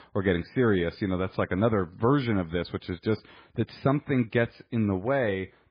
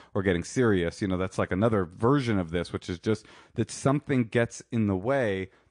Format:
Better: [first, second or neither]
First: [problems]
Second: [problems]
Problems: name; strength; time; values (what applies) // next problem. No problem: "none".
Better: second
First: garbled, watery; badly; nothing above 5 kHz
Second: garbled, watery; slightly; nothing above 9 kHz